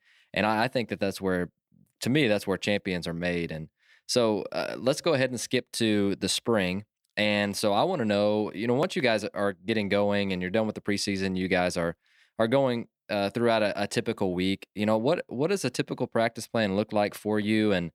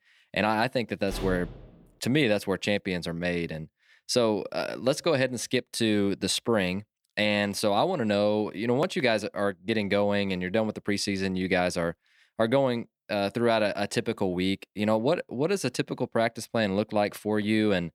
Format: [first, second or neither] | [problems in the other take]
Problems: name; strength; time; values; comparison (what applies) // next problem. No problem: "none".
first | door banging; noticeable; at 1 s; peak 9 dB below the speech